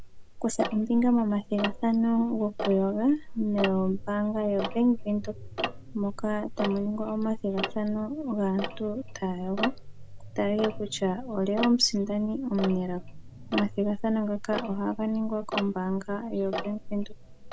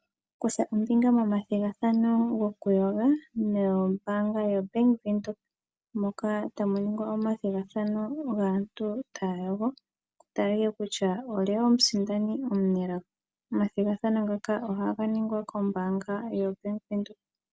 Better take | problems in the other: second | background sound (Tick-tock); 8 dB below the speech

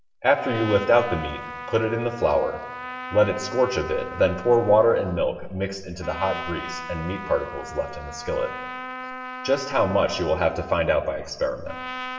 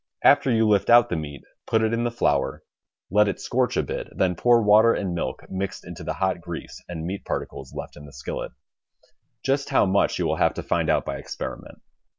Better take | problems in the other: second | background sound (Trumpet); 12 dB below the speech // room echo; dies away in 1 s

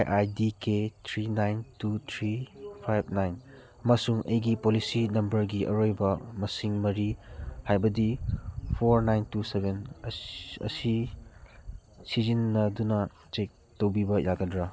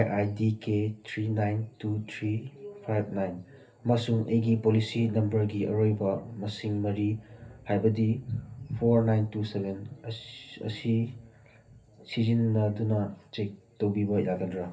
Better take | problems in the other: first | room echo; dies away in 0.3 s

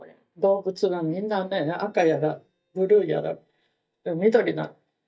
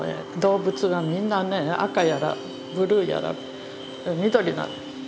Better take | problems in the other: second | noise reduction (neural mask model DeepFilterNet 3)

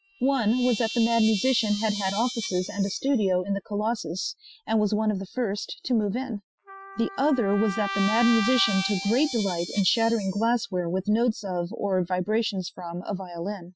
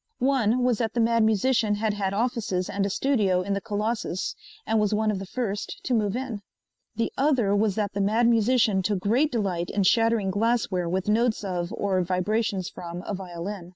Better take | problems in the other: second | noise reduction (classical method Wiener filter)

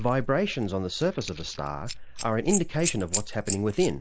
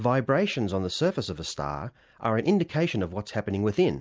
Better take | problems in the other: second | noise reduction (neural mask model Resemble Enhance denoiser)

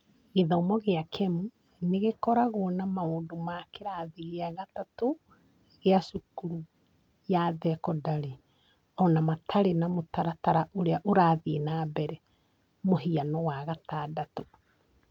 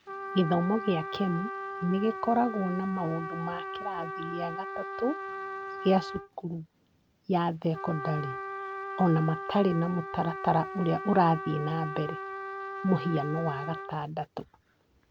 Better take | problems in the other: first | background sound (Trumpet); 8 dB below the speech

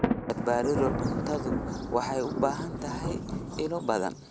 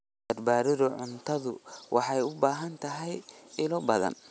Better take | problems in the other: second | background sound (Thunder); 1 dB below the speech

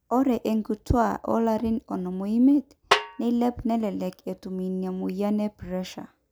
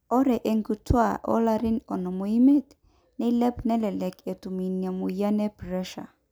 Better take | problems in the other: second | background sound (Snare drum); 3 dB below the speech

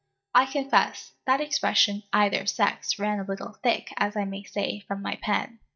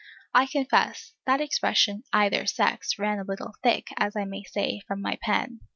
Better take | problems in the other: second | noise reduction (neural mask model DeepFilterNet 3)

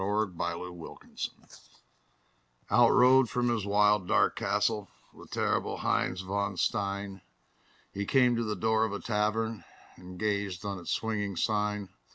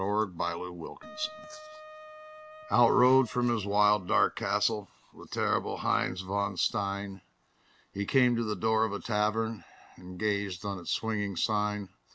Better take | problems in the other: first | background sound (Wind instrument, woodwind instrument); 18 dB below the speech

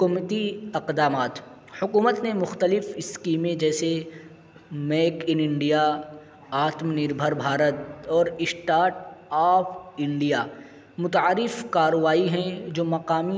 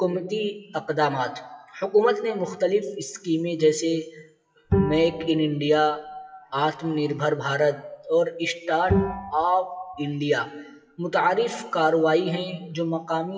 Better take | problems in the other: first | noise reduction (classical method WPE with log-MMSE)

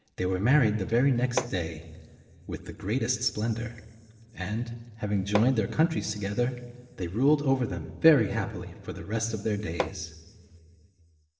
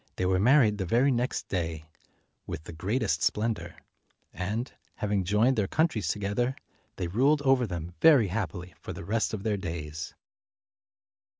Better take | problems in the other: second | background sound (Hammer); 9 dB below the speech // room echo; dies away in 2.9 s

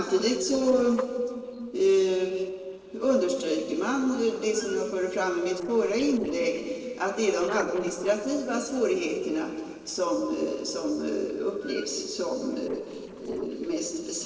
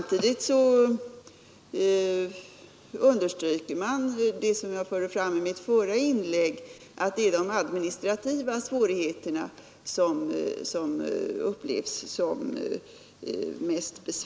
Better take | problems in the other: second | noise reduction (neural separator model SepFormer DNS4)

